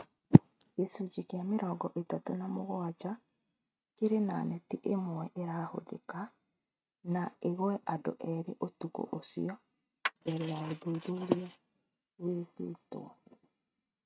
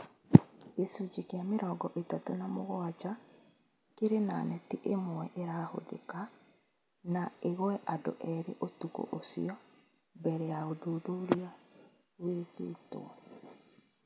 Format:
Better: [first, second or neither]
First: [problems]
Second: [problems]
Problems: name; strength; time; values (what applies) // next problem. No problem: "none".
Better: second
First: noise reduction (neural mask model RNNoise)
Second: none